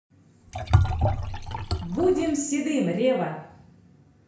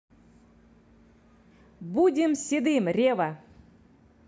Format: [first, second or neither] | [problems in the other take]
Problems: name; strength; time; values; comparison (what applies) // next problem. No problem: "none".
second | background sound (Liquid); 2 dB above the speech // room echo; dies away in 0.5 s